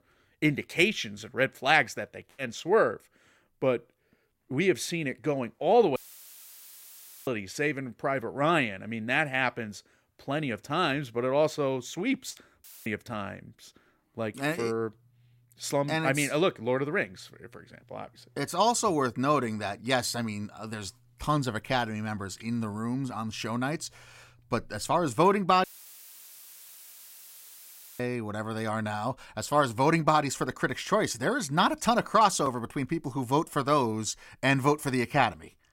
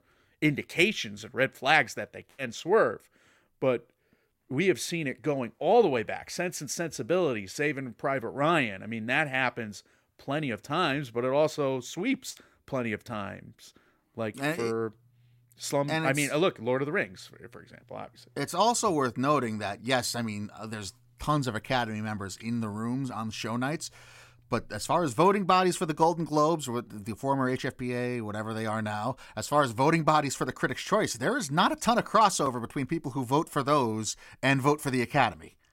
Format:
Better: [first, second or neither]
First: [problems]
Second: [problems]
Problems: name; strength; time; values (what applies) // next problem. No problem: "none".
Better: second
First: audio cutting out; filled with static; at 6 s for 1.5 s, at 13 s and at 26 s for 2.5 s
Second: none